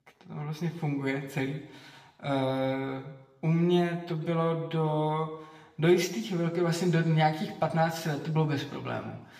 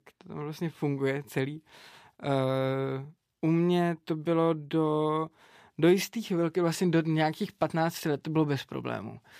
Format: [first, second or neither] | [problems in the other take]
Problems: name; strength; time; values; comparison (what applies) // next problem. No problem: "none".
second | room echo; slight; dies away in 0.9 s // off-mic speech; somewhat distant